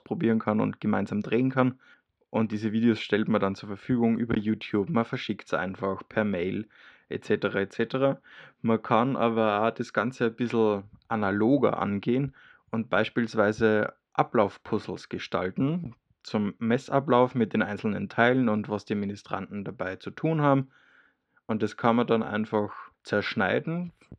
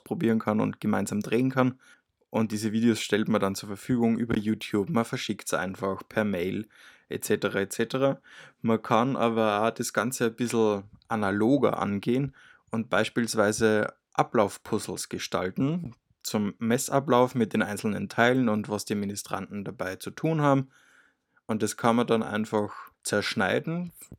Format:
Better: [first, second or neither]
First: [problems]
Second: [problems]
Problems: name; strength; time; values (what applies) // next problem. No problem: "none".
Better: second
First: muffled; slightly; fading above 3.5 kHz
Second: none